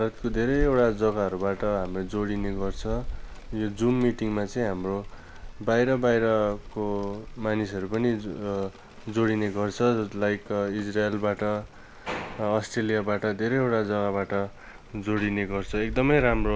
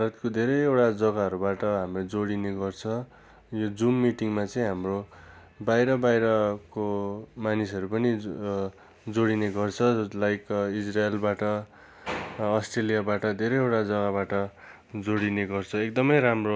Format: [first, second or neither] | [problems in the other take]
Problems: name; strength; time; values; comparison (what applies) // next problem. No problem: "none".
second | background sound (Rain); 11 dB below the speech